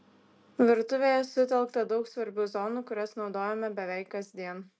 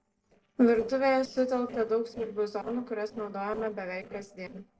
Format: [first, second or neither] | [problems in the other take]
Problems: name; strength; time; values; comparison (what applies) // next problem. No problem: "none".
first | noise reduction (neural separator model SepFormer DNS4)